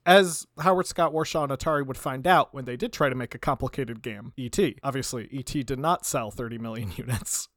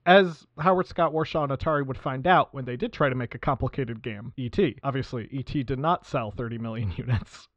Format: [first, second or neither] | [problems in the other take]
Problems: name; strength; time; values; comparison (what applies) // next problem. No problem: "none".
first | muffled; very; fading above 3.5 kHz